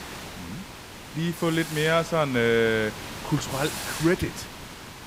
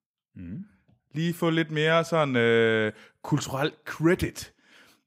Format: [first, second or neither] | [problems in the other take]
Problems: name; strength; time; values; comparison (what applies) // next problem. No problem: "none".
second | hiss; noticeable; throughout; 10 dB below the speech